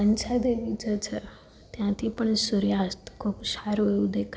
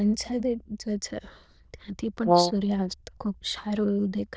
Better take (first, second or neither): first